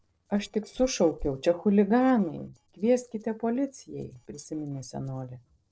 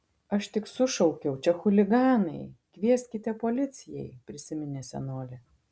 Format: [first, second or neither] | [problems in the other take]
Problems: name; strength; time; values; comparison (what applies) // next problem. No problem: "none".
second | noise reduction (neural separator model SepFormer DNS4)